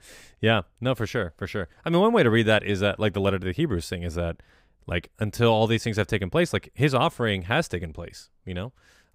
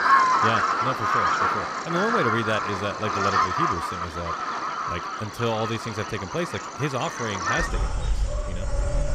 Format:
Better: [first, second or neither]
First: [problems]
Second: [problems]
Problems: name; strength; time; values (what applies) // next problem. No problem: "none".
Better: first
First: none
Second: animal sounds; very loud; throughout; 5 dB above the speech